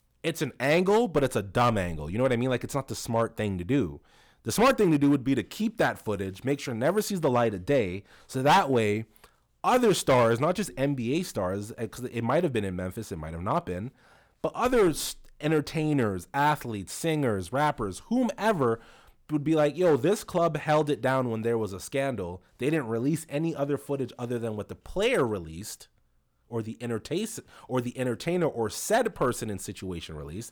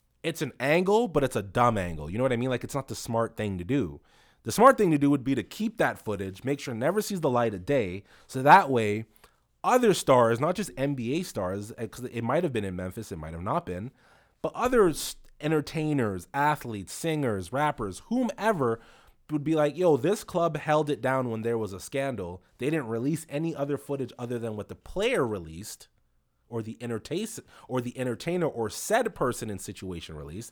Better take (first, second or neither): second